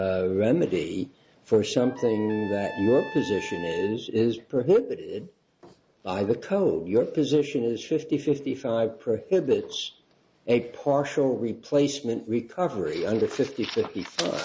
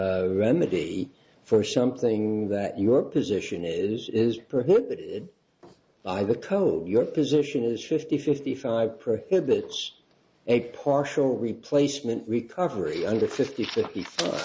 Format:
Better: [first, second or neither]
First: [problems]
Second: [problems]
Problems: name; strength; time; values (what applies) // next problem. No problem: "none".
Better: second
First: background sound (Trumpet); 16 dB below the speech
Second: none